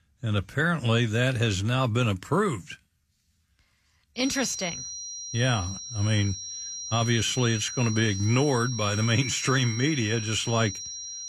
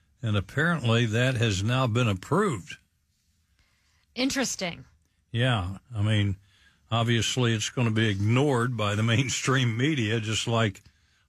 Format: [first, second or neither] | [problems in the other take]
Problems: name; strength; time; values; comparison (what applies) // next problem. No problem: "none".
second | high-pitched whine; loud; from 4 s on; 6 kHz, 8 dB below the speech